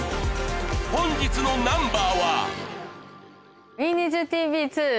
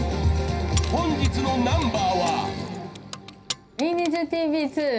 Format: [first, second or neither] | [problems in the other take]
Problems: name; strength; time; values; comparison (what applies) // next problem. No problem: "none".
first | background sound (Keys jangling); 17 dB below the speech // room echo; dies away in 0.5 s